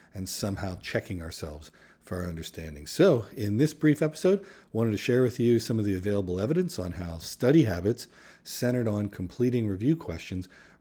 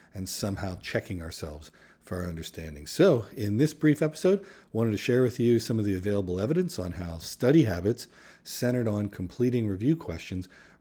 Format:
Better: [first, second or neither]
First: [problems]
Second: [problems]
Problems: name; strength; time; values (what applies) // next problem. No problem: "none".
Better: neither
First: garbled, watery; slightly; nothing above 19 kHz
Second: garbled, watery; slightly; nothing above 19 kHz